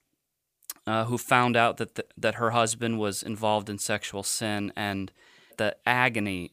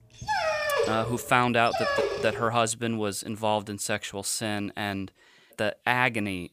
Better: first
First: none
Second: dog barking; loud; until 2.5 s; peak 1 dB above the speech

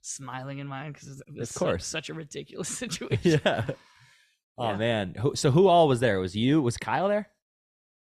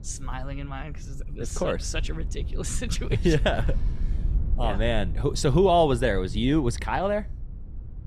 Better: first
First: none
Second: wind noise on the microphone; occasional gusts; 25 dB below the speech

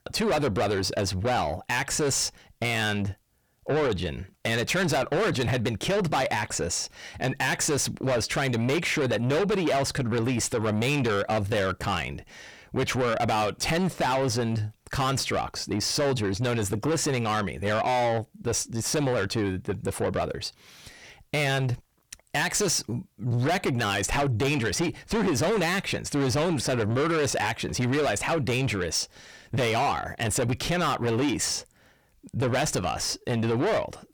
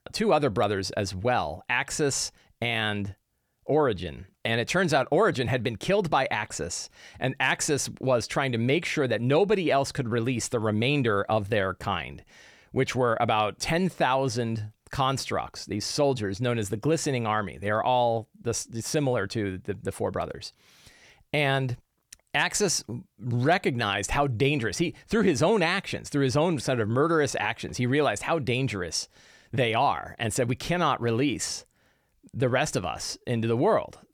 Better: second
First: distortion; heavy; 7 dB below the speech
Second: none

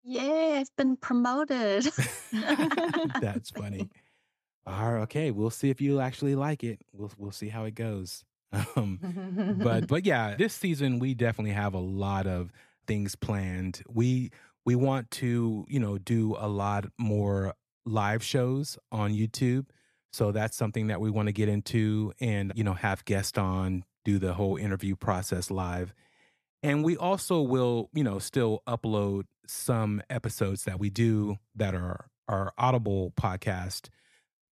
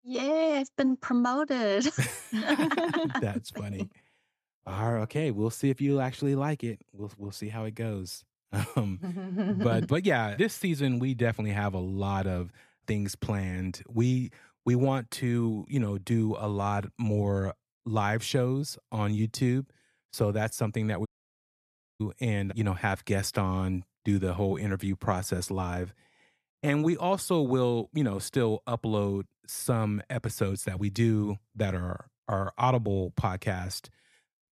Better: first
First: none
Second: audio cutting out; at 21 s for 1 s

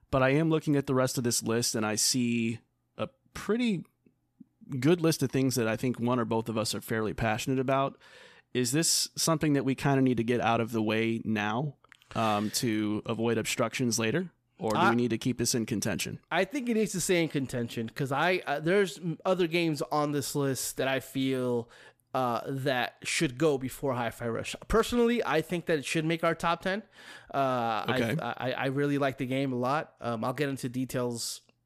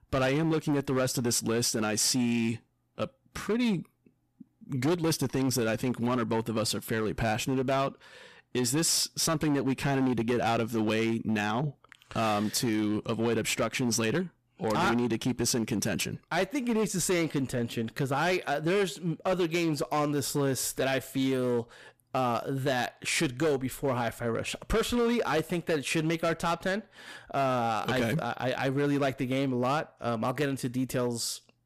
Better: first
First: none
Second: distortion; slight; 10% of the sound clipped

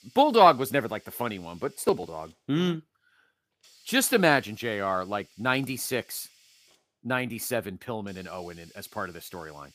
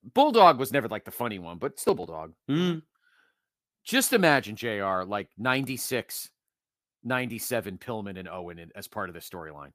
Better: second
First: hiss; faint; throughout; 30 dB below the speech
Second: none

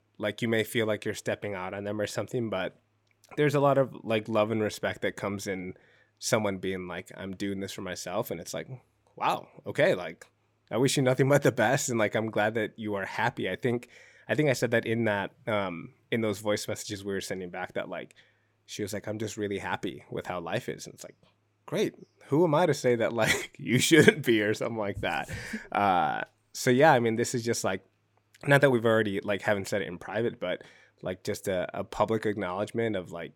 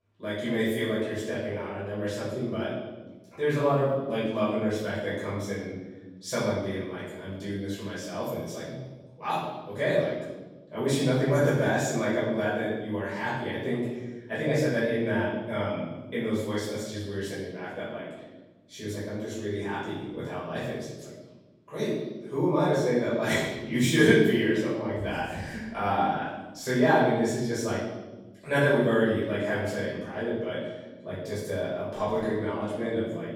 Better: first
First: none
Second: off-mic speech; far // room echo; strong; dies away in 1.2 s

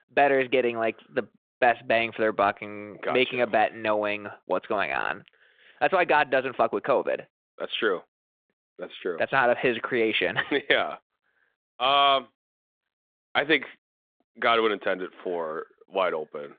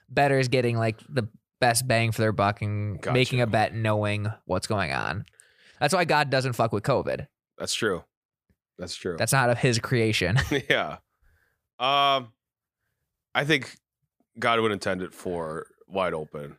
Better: second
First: phone-call audio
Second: none

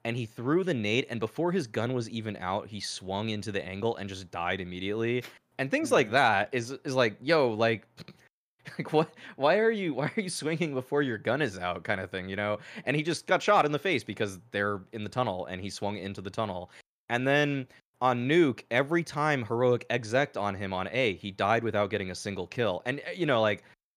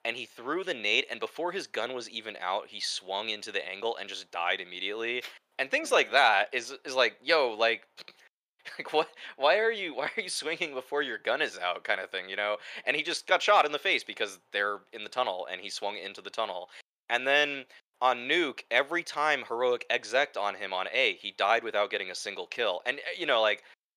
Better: first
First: none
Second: thin; very; fading below 550 Hz

